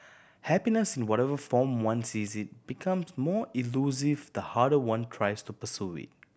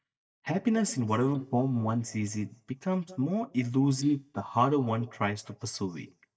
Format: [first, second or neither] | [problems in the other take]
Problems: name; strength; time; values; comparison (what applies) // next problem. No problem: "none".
first | noise reduction (neural mask model DeepFilterNet 3)